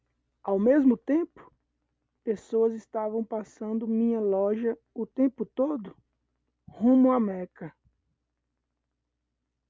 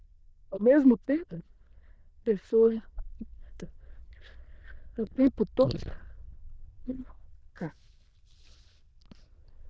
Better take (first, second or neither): first